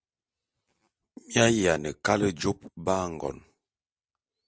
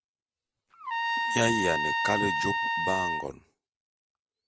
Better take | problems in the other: first | background sound (Trumpet); 4 dB above the speech

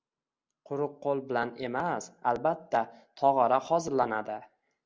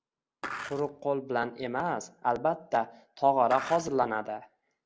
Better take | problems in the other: first | background sound (Skateboard); 10 dB below the speech

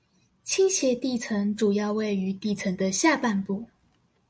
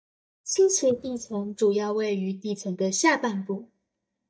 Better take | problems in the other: first | noise reduction (neural mask model DeepFilterNet 3)

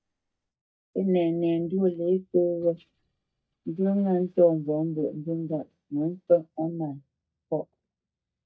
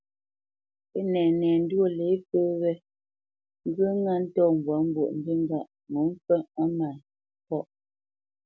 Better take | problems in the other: second | noise reduction (neural mask model DeepFilterNet 3)

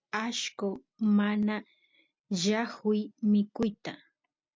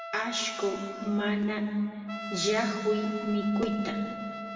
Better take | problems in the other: first | background sound (Trumpet); 10 dB below the speech // room echo; dies away in 2.3 s

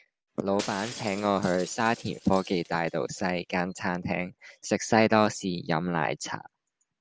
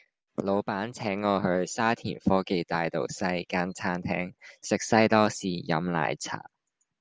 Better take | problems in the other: second | background sound (Shatter); 17 dB below the speech

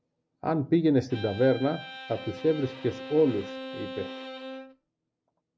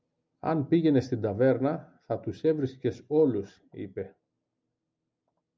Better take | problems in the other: second | background sound (Bowed string instrument); 12 dB below the speech

